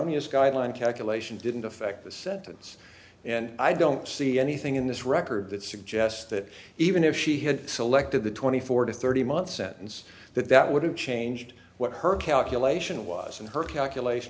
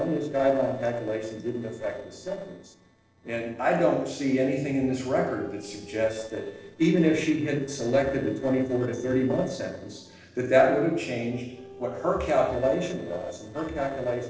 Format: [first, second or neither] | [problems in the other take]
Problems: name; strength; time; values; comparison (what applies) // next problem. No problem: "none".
first | noise reduction (neural separator model SepFormer DNS4)